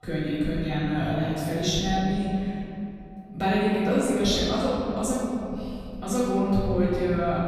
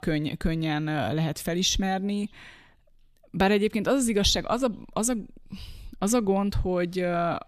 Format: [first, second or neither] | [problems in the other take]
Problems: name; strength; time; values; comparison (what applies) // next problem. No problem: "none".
second | off-mic speech; far // room echo; strong; dies away in 2.8 s